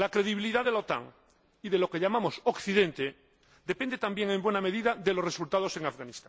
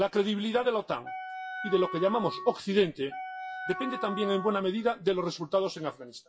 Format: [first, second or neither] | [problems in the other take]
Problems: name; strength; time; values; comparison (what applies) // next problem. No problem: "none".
first | noise reduction (classical method WPE with log-MMSE)